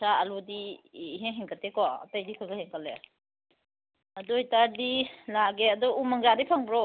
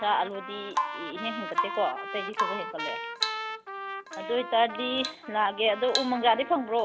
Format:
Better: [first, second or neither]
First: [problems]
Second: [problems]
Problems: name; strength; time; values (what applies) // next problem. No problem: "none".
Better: first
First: none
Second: background sound (Drip / Water tap, faucet / Rain + Trumpet); 5 dB below the speech